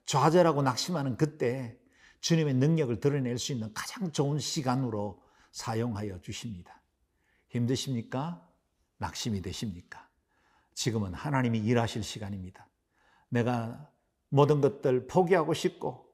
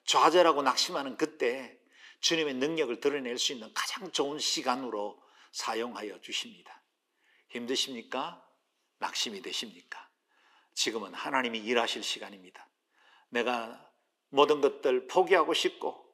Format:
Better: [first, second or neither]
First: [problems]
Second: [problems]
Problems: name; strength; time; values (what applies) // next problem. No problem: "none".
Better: first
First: none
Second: thin; somewhat; fading below 300 Hz